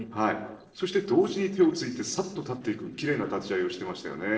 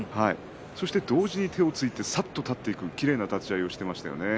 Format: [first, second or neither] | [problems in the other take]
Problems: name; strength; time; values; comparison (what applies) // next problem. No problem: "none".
second | noise reduction (neural separator model SepFormer DNS4)